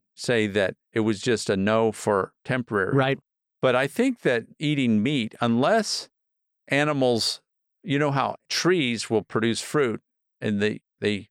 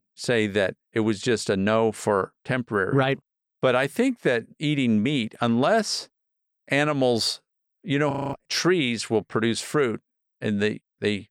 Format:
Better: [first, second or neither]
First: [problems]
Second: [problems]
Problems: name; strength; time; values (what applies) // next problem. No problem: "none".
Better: first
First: none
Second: audio freezing; at 8 s